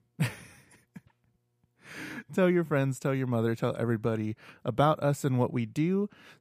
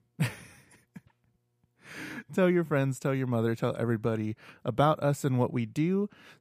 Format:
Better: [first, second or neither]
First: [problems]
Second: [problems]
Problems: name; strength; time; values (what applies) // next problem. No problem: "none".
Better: neither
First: none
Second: none